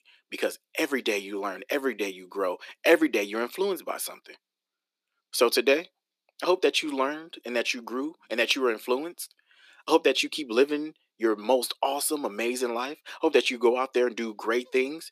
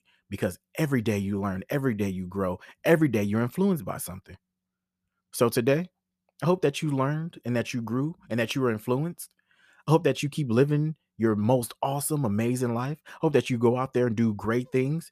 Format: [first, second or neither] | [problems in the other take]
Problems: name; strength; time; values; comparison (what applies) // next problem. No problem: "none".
second | thin; somewhat; fading below 300 Hz